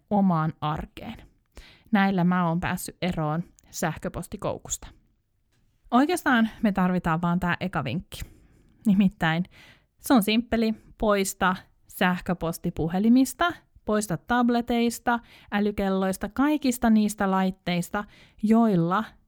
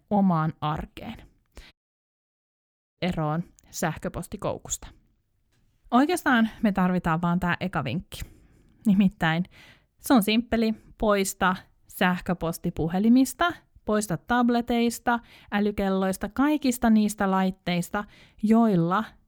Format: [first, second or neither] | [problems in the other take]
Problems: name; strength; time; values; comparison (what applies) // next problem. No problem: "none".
first | audio cutting out; at 1.5 s for 1.5 s